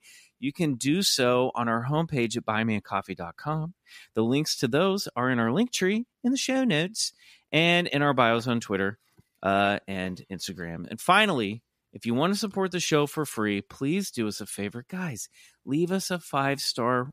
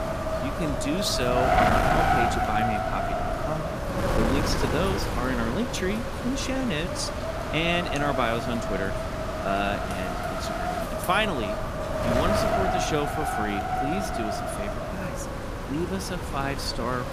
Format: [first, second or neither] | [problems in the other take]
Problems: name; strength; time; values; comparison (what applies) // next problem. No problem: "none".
first | wind noise on the microphone; heavy; 3 dB above the speech